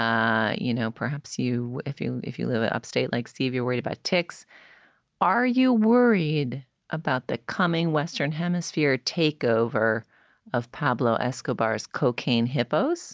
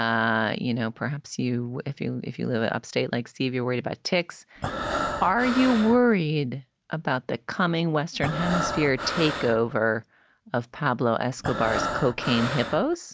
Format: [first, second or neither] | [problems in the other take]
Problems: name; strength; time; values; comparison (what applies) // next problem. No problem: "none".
first | background sound (Breathing); 5 dB below the speech